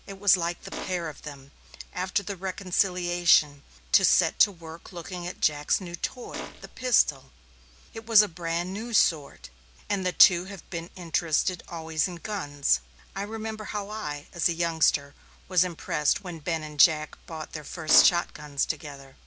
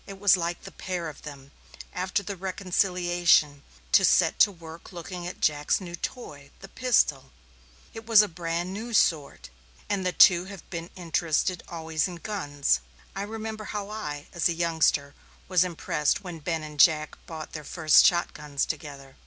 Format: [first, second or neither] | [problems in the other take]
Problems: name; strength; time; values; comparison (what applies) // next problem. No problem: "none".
second | background sound (Fart); 9 dB below the speech